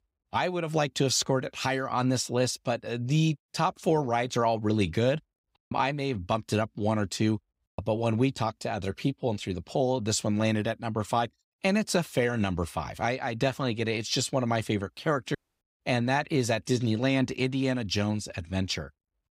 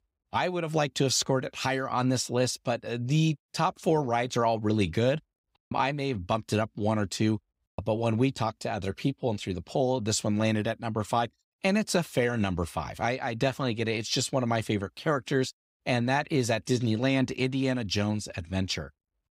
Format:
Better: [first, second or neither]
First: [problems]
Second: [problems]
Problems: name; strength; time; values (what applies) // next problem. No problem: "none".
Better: second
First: audio cutting out; at 15 s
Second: none